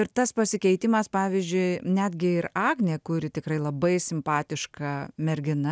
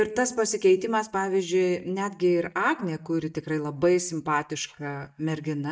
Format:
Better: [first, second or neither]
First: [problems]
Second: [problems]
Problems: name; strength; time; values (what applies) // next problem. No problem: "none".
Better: first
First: none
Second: noise reduction (neural mask model DeepFilterNet 3)